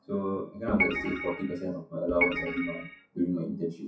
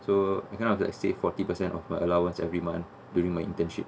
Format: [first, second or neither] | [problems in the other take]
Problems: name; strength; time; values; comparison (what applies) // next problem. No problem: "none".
second | noise reduction (classical method WPE with log-MMSE)